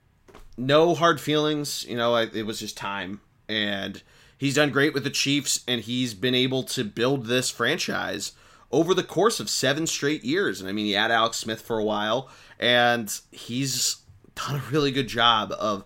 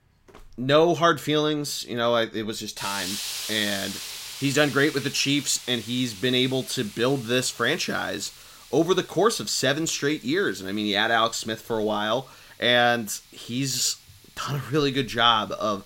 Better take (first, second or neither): first